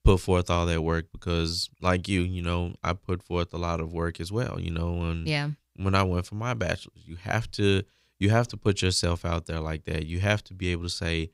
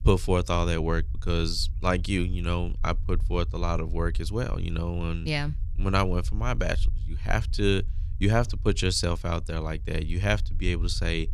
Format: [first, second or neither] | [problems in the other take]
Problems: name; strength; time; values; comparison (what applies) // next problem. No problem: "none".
first | low rumble; faint; throughout; 25 dB below the speech